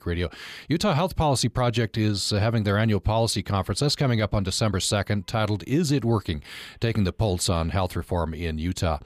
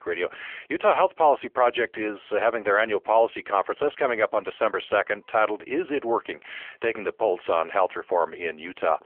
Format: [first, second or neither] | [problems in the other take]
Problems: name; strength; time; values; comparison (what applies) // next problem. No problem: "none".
first | phone-call audio; nothing above 3 kHz